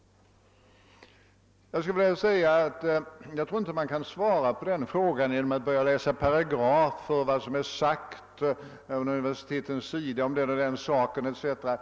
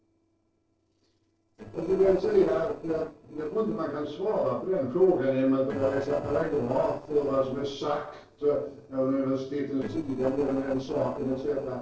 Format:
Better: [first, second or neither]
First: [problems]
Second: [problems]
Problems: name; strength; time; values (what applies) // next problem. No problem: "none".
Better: first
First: none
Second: noise reduction (neural separator model SepFormer DNS4)